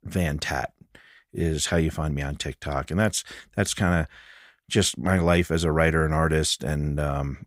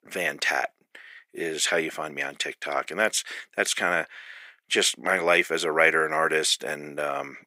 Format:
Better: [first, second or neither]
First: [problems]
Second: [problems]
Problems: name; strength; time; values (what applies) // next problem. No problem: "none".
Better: first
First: none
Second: thin; very; fading below 350 Hz